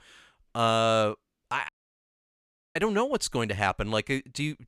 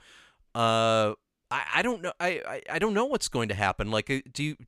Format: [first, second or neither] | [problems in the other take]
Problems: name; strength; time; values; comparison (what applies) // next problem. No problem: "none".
second | audio cutting out; at 1.5 s for 1 s